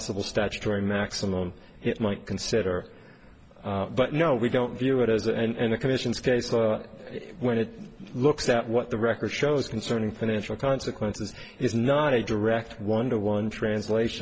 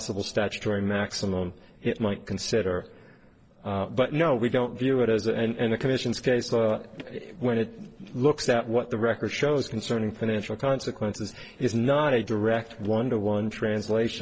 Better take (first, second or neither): first